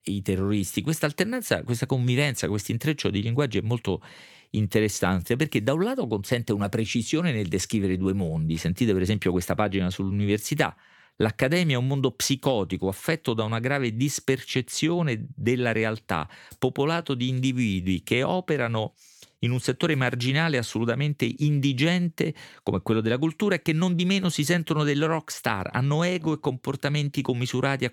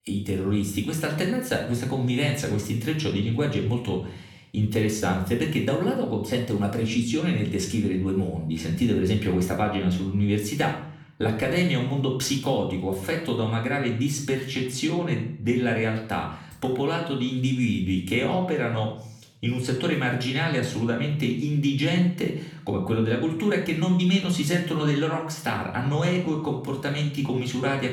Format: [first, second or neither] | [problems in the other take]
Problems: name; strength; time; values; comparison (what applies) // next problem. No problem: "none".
first | off-mic speech; far // room echo; slight; dies away in 0.5 s